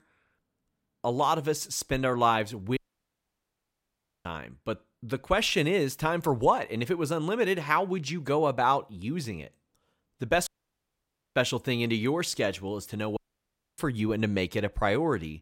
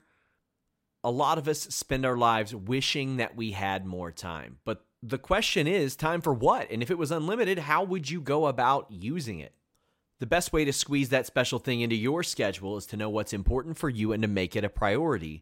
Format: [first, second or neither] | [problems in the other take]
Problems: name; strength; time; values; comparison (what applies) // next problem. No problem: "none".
second | audio cutting out; at 3 s for 1.5 s, at 10 s for 1 s and at 13 s for 0.5 s